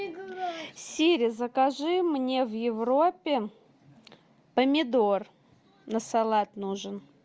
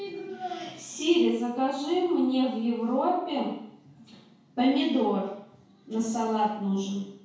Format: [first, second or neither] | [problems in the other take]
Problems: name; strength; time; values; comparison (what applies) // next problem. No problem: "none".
first | room echo; dies away in 0.6 s